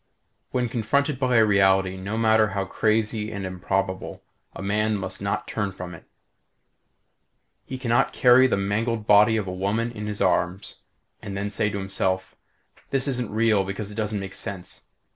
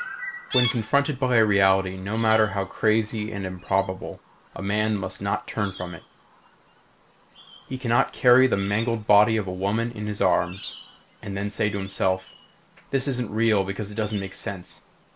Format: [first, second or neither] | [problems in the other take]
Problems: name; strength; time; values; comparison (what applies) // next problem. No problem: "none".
first | background sound (Chirp, tweet); 16 dB below the speech